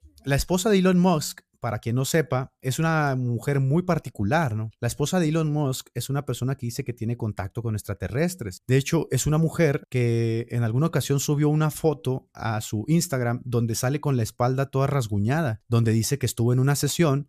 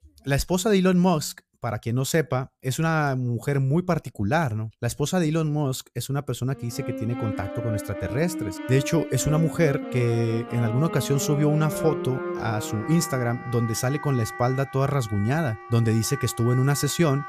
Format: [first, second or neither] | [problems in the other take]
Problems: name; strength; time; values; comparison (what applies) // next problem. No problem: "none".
first | background music; loud; from 6.5 s on; 9 dB below the speech